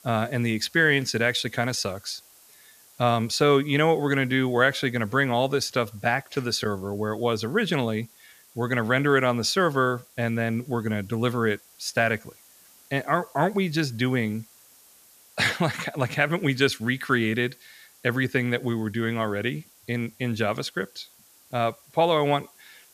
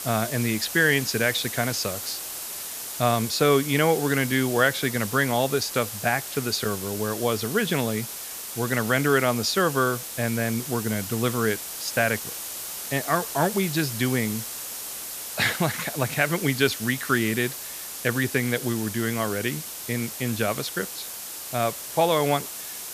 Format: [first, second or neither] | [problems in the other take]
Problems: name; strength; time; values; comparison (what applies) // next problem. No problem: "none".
first | hiss; loud; throughout; 7 dB below the speech; faint in the first